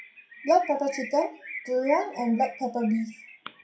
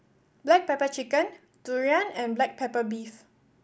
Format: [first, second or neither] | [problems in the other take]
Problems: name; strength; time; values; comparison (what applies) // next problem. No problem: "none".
second | noise reduction (classical method WPE with log-MMSE)